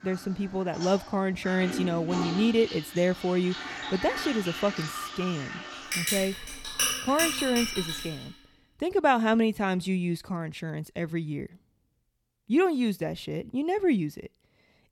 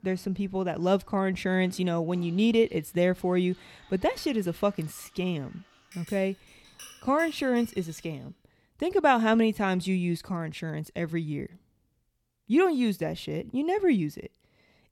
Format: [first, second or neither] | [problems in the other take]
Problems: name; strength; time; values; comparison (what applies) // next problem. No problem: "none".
second | household noises; loud; until 8 s; 4 dB below the speech; faint in the second